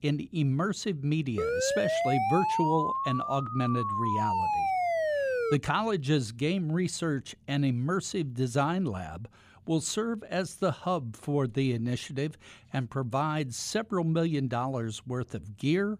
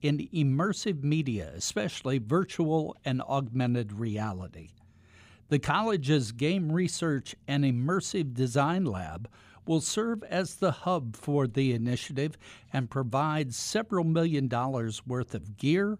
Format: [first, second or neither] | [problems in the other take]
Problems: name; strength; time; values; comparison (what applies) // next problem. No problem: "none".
second | siren; loud; from 1.5 to 5.5 s; peak 3 dB above the speech